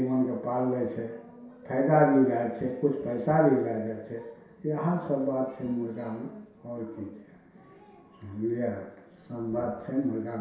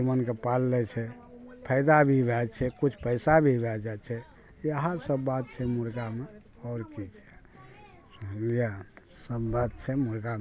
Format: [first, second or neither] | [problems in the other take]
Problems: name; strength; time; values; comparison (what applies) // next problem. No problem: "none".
second | room echo; dies away in 0.7 s